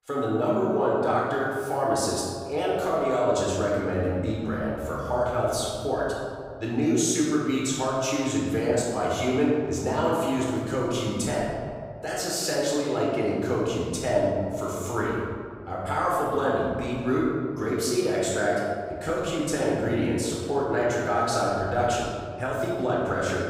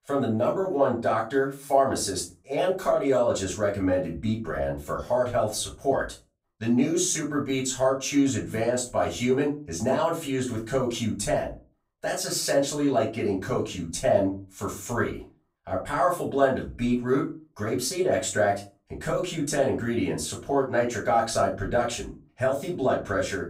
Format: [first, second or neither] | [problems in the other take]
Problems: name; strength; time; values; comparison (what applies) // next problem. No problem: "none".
second | room echo; strong; dies away in 1.9 s; slight in the second // off-mic speech; far; far in the second